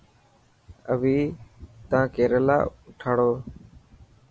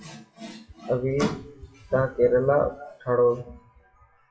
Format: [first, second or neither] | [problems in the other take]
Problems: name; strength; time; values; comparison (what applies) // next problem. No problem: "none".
first | noise reduction (classical method WPE with log-MMSE)